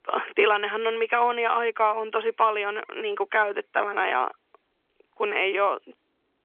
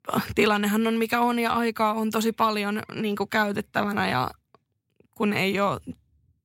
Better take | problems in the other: second | phone-call audio; nothing above 3 kHz

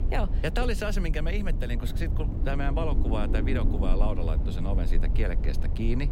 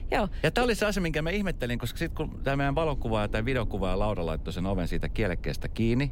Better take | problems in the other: second | low rumble; loud; throughout; 8 dB below the speech; faint in the second

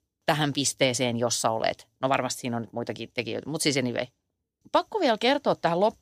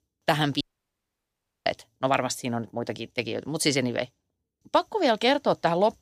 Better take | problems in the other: first | audio cutting out; at 0.5 s for 1 s

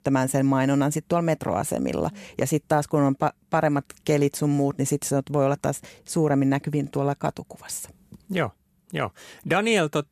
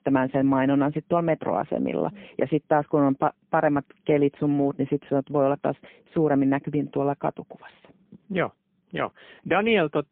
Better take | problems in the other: first | phone-call audio; poor line

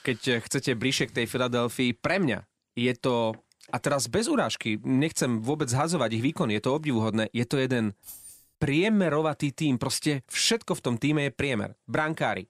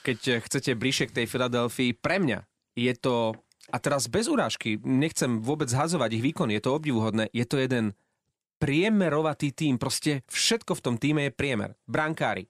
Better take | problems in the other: second | jangling keys; faint; at 8 s; peak 15 dB below the speech

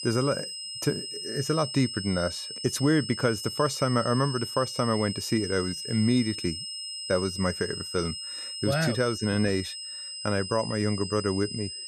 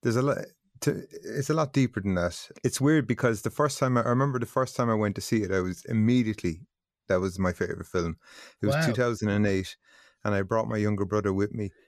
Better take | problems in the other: second | high-pitched whine; loud; throughout; 5 kHz, 6 dB below the speech

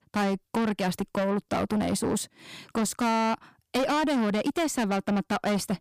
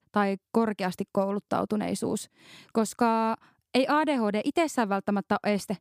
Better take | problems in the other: second | distortion; heavy; 6 dB below the speech

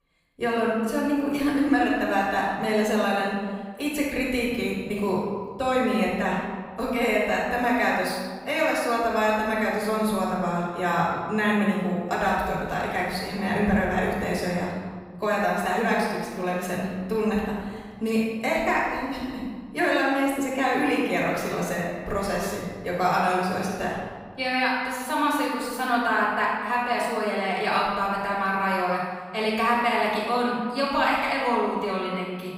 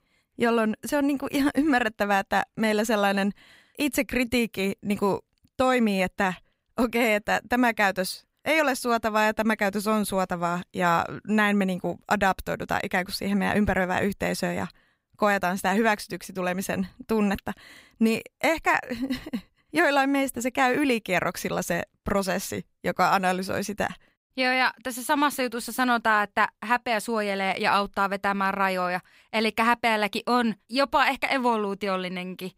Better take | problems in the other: second | off-mic speech; far // room echo; strong; dies away in 1.5 s

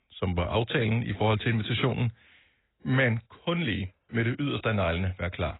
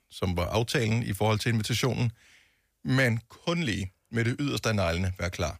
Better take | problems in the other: second | garbled, watery; badly; nothing above 4 kHz

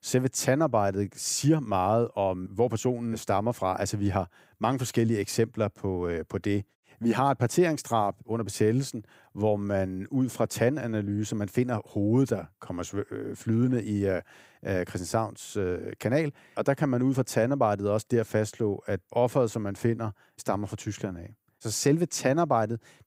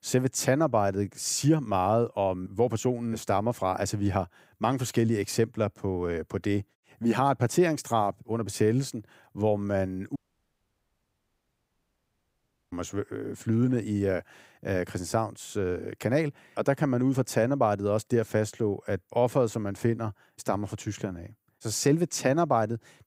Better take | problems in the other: first | audio cutting out; at 10 s for 2.5 s

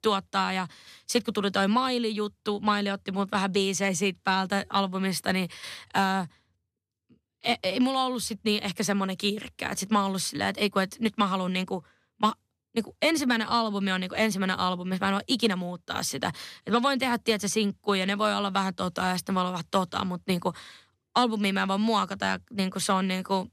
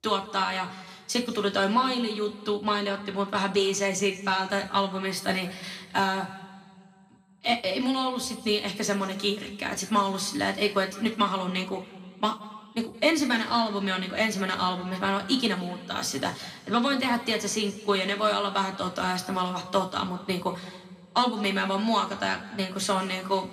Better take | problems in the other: first | room echo; slight; dies away in 1.4 s // off-mic speech; somewhat distant

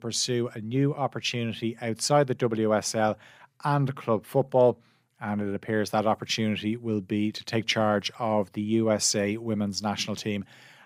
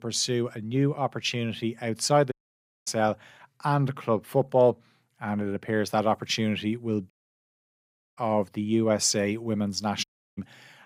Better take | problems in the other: first | audio cutting out; at 2.5 s for 0.5 s, at 7 s for 1 s and at 10 s

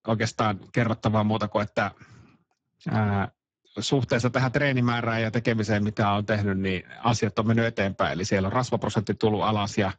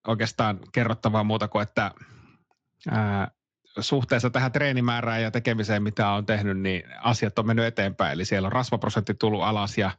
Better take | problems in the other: second | garbled, watery; badly; nothing above 7.5 kHz; slightly in the second

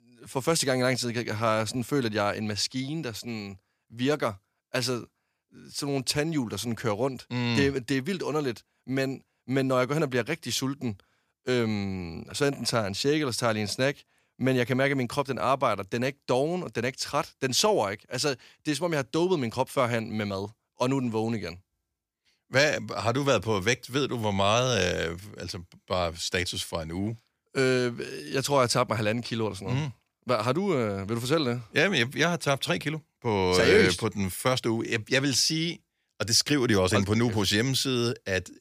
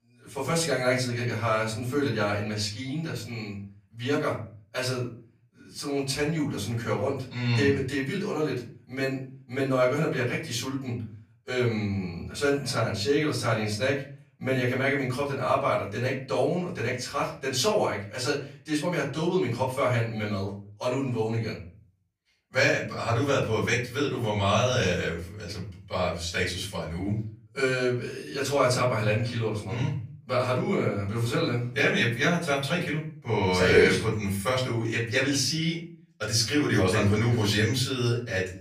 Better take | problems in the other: first | room echo; slight; dies away in 0.5 s // off-mic speech; far

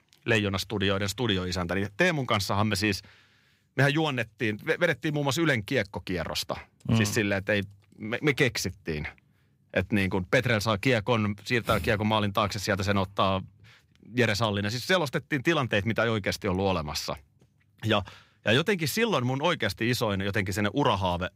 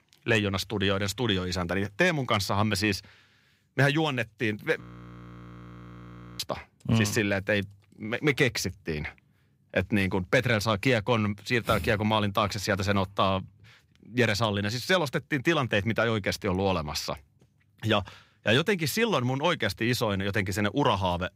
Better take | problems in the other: first | audio freezing; at 5 s for 1.5 s

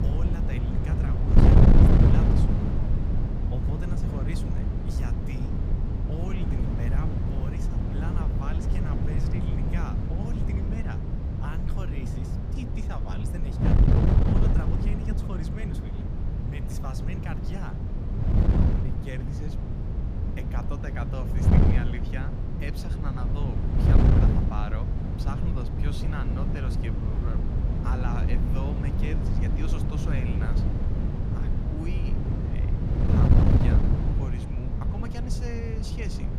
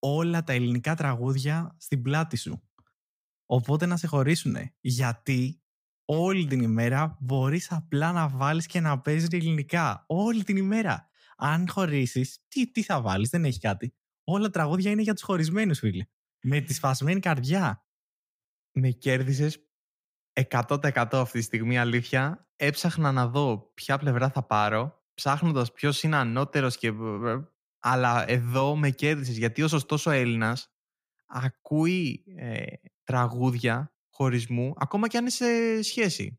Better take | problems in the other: second | wind noise on the microphone; heavy; 5 dB above the speech

